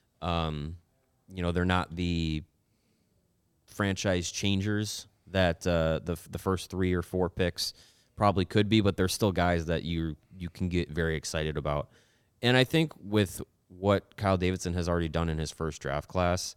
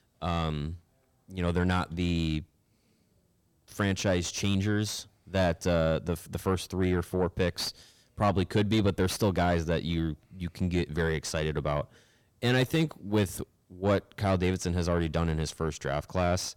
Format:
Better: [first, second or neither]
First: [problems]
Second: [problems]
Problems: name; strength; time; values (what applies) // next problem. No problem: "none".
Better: first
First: none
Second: distortion; slight; 10 dB below the speech